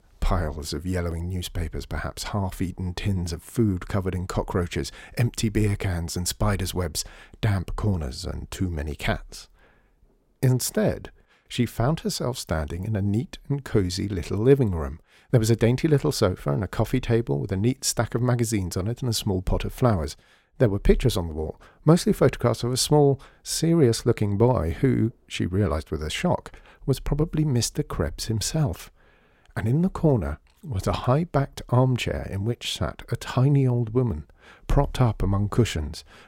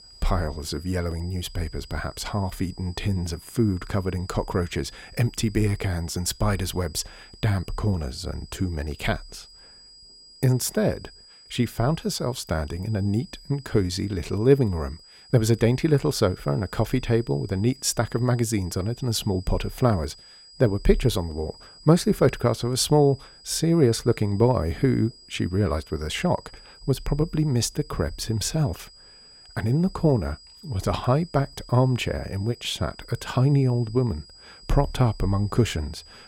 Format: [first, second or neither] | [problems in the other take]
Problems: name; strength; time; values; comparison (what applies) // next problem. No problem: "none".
first | high-pitched whine; faint; throughout; 5 kHz, 20 dB below the speech